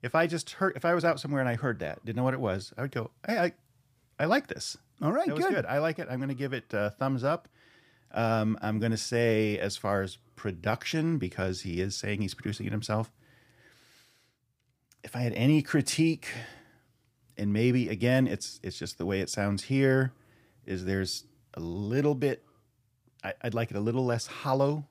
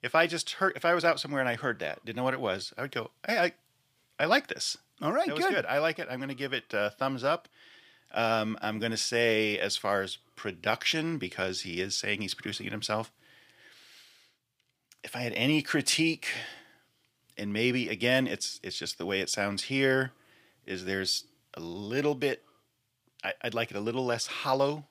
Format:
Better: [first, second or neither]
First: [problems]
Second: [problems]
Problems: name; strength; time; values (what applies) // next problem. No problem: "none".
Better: first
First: none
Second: thin; very slightly; fading below 450 Hz